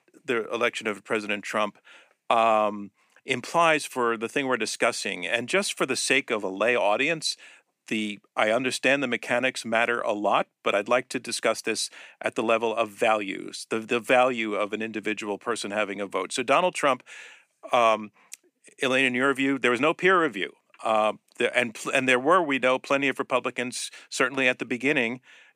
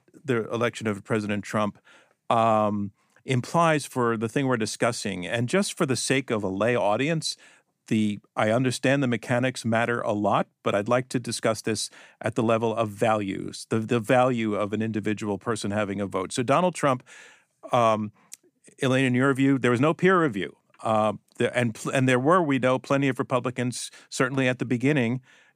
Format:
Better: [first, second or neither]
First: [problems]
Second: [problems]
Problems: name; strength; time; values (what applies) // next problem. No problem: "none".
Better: second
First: thin; very slightly; fading below 300 Hz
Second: none